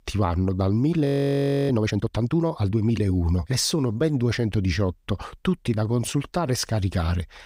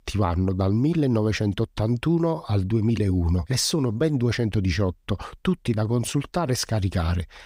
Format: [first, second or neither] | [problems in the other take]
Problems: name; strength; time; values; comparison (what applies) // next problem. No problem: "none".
second | audio freezing; at 1 s for 0.5 s